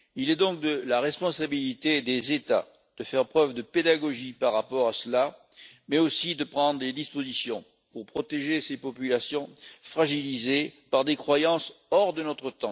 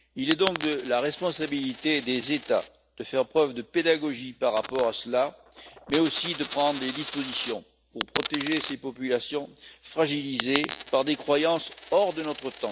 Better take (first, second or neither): first